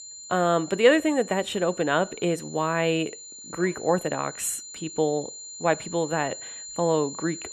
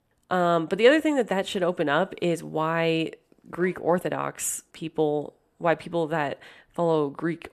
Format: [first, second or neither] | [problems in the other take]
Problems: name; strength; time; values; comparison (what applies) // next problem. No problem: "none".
second | high-pitched whine; noticeable; throughout; 7 kHz, 15 dB below the speech